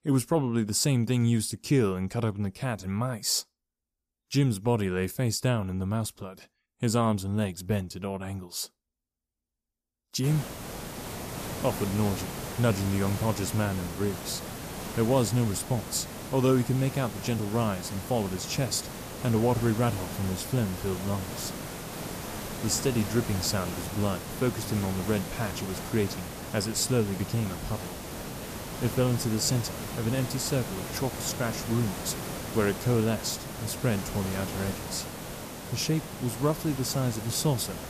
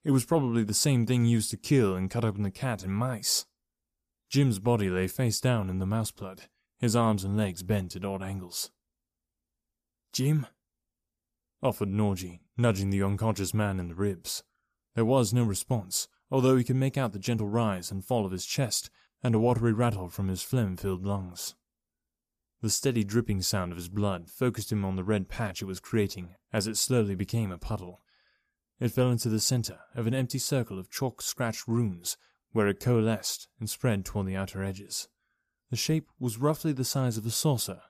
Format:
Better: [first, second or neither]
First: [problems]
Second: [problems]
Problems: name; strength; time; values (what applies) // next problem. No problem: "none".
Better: second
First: hiss; loud; from 10 s on; 8 dB below the speech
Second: none